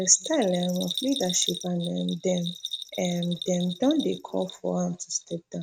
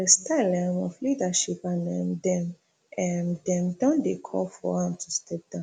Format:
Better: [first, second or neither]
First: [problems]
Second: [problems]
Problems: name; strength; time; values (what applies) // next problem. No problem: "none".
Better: second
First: noise reduction (neural mask model RNNoise)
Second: none